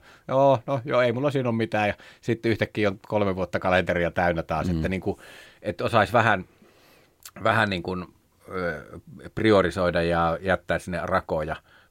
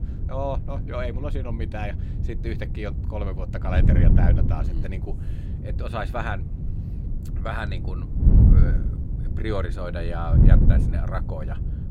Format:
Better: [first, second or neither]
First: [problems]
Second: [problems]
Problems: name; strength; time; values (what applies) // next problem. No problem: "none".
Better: first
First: none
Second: wind noise on the microphone; heavy; 4 dB below the speech